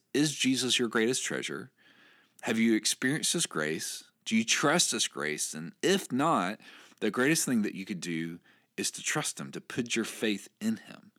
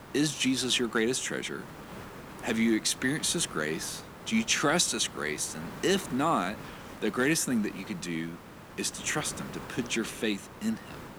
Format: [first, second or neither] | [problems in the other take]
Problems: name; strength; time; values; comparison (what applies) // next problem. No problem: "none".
first | hiss; noticeable; throughout; 15 dB below the speech